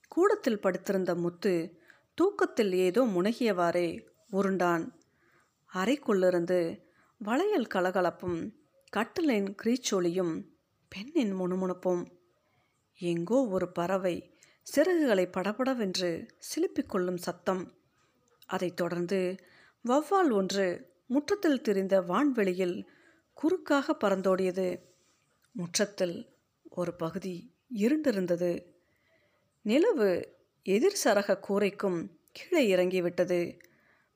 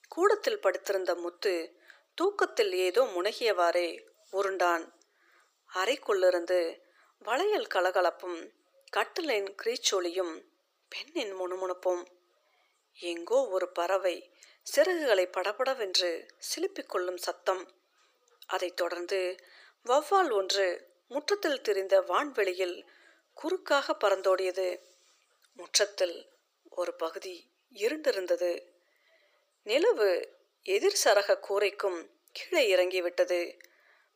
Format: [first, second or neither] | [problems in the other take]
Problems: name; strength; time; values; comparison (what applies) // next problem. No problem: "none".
first | thin; very; fading below 400 Hz